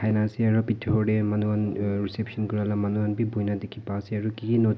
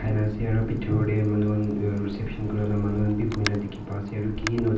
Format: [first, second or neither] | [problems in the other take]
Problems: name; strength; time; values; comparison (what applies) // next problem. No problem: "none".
first | background sound (Wind); 11 dB below the speech // room echo; dies away in 0.6 s